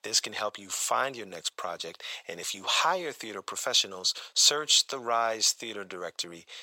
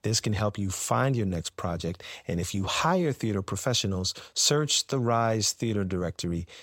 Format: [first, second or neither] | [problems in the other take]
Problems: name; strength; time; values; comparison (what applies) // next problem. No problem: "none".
second | thin; very; fading below 650 Hz